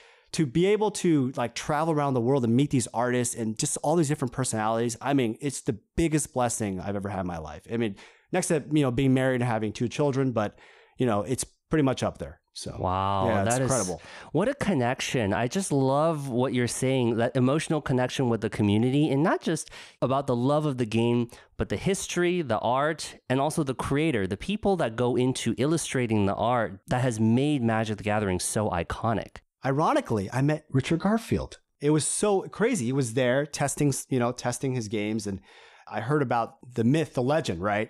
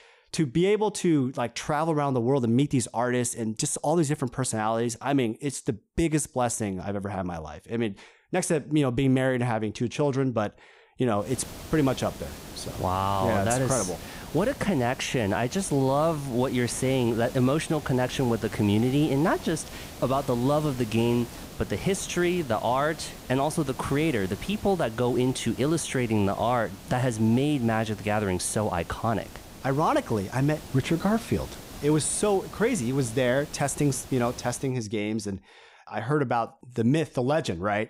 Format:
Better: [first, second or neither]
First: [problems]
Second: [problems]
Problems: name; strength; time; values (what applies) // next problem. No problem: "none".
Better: first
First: none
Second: hiss; noticeable; from 11 to 35 s; 15 dB below the speech